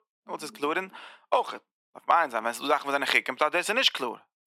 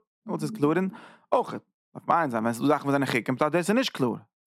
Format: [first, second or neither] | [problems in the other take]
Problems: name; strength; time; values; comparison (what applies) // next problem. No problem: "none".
second | thin; somewhat; fading below 600 Hz